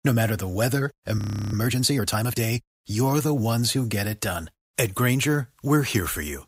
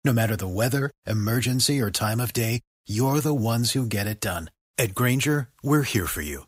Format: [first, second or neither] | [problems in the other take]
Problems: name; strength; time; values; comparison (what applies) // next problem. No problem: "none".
second | audio freezing; at 1 s